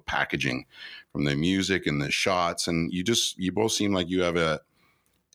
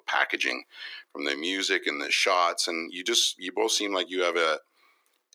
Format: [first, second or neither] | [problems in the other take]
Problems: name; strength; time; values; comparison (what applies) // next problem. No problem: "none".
first | thin; somewhat; fading below 350 Hz